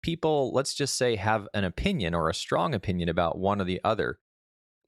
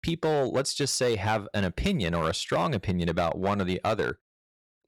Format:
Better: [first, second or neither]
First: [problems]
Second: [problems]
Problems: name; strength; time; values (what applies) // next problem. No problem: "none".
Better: first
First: none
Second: distortion; slight; 7% of the sound clipped